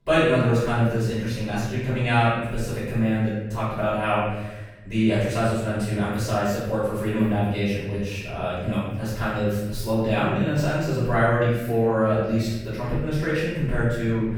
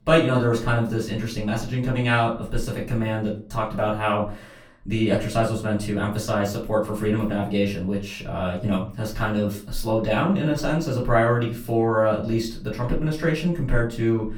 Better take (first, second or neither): second